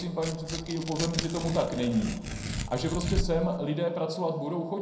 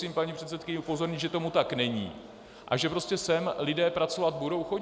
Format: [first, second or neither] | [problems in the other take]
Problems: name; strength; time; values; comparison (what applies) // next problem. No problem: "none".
second | background sound (Tearing); 6 dB below the speech // room echo; dies away in 0.6 s